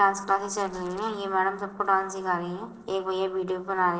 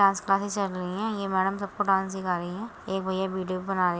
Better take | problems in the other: second | noise reduction (neural separator model SepFormer DNS4)

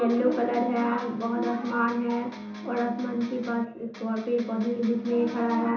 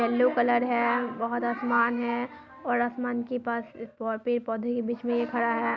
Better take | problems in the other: second | background sound (Electric guitar); 12 dB below the speech // room echo; dies away in 0.6 s

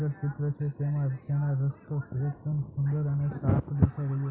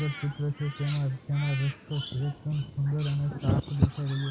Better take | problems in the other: first | background sound (Crow); 17 dB below the speech

